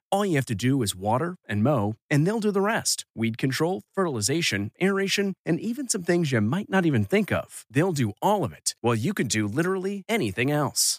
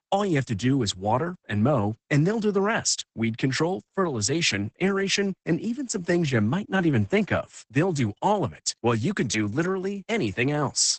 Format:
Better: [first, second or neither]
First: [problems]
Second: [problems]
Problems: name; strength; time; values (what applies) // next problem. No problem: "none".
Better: first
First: none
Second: garbled, watery; badly; nothing above 8 kHz